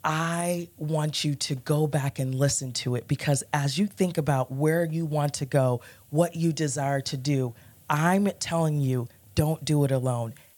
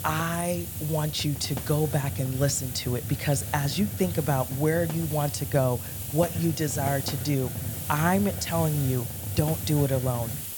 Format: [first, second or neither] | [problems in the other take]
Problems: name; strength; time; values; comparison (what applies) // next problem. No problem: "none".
first | hiss; loud; throughout; 6 dB below the speech; faint in the first